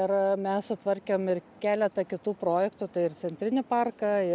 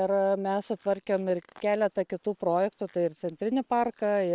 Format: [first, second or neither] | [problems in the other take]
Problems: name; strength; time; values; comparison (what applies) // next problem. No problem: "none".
first | noise reduction (neural separator model SepFormer WHAM!)